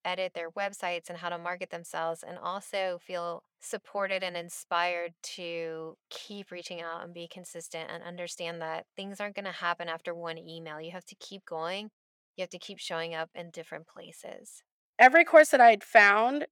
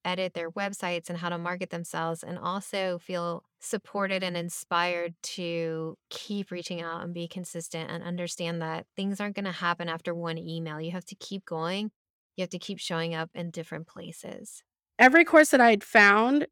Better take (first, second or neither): second